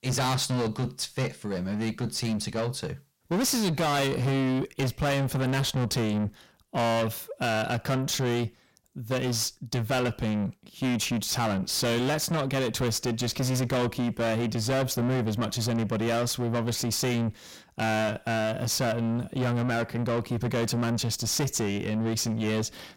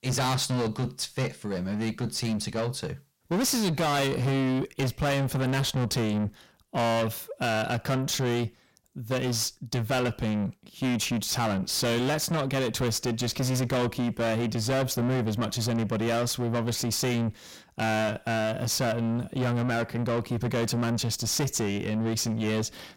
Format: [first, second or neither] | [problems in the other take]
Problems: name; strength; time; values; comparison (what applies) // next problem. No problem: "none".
neither | distortion; heavy; 6 dB below the speech; the same in both